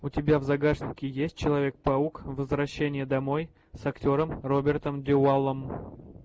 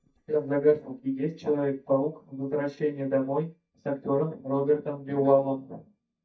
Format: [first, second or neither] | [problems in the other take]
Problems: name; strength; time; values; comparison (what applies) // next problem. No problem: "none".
first | noise reduction (neural mask model DeepFilterNet 3)